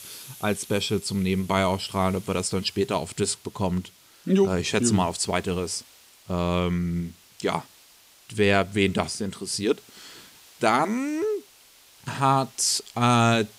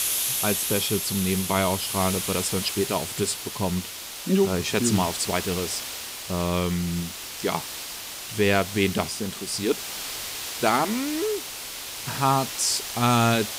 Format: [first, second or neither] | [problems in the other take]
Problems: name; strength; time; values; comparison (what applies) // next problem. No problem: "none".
first | hiss; loud; throughout; 4 dB below the speech; faint in the first